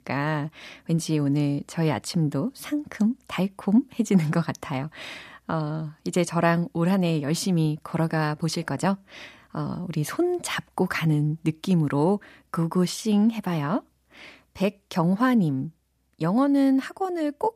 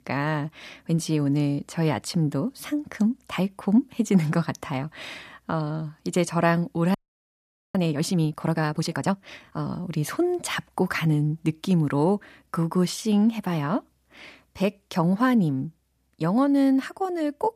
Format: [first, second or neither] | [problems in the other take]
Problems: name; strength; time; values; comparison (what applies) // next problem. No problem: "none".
first | audio freezing; at 7 s for 1 s